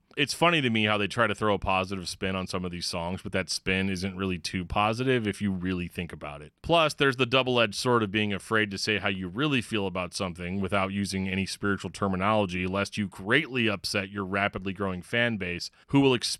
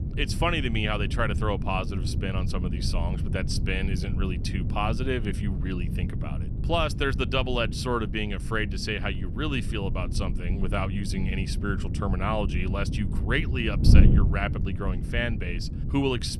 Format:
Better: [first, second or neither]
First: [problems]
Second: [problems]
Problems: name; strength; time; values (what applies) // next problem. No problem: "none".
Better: first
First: none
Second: wind noise on the microphone; occasional gusts; 10 dB below the speech